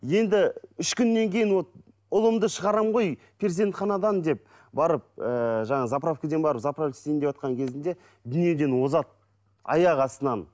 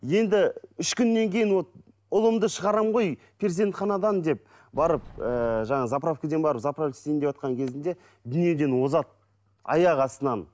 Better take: first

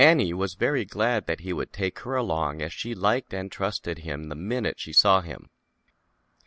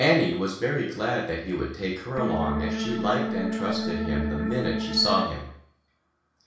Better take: first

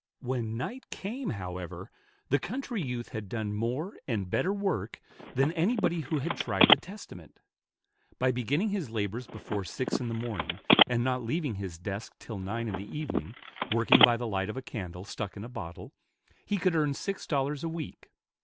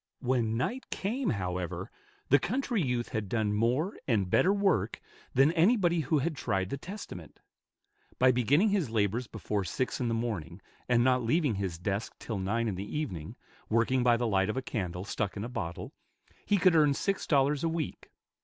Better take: second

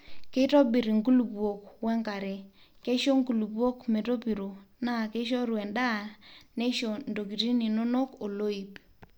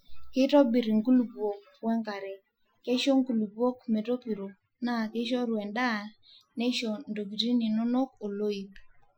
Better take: first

